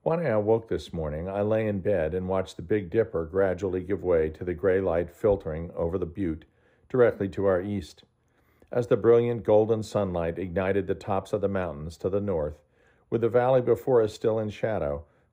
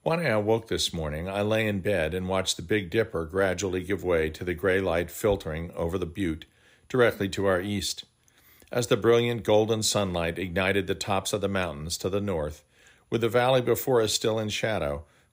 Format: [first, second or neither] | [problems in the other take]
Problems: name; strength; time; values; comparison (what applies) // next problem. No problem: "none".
second | muffled; very; fading above 2 kHz